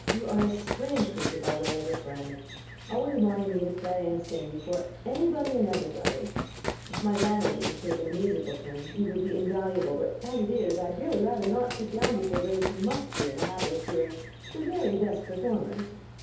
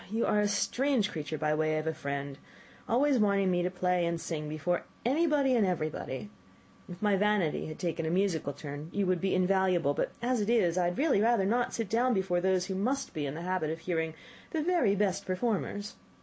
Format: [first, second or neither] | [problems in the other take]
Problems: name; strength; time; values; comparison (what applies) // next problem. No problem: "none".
second | background sound (Run); 7 dB below the speech // room echo; dies away in 0.7 s